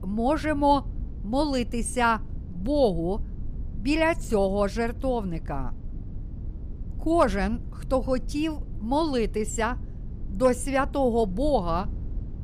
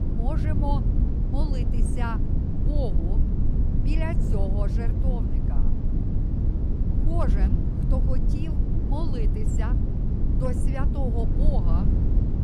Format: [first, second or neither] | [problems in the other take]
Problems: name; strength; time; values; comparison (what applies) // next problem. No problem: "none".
first | low rumble; loud; throughout; 1 dB below the speech; faint in the first